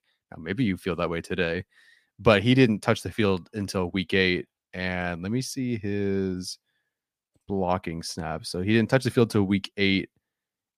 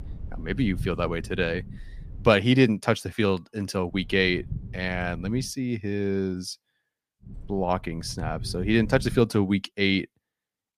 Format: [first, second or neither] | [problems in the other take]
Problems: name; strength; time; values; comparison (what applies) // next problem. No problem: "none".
first | low rumble; faint; until 2.5 s, from 4 to 5.5 s and from 7.5 to 9 s; 25 dB below the speech